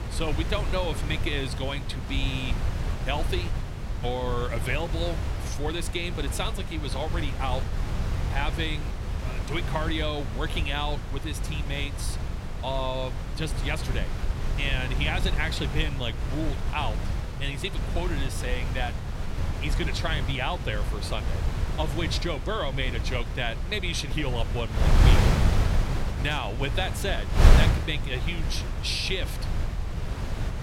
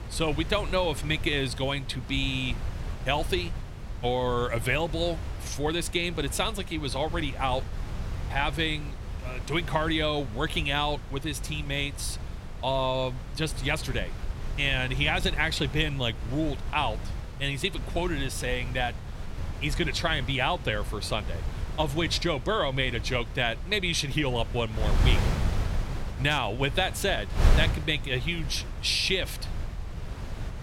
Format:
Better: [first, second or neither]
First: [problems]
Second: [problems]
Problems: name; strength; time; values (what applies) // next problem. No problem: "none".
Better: second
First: wind noise on the microphone; heavy; 6 dB below the speech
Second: wind noise on the microphone; occasional gusts; 15 dB below the speech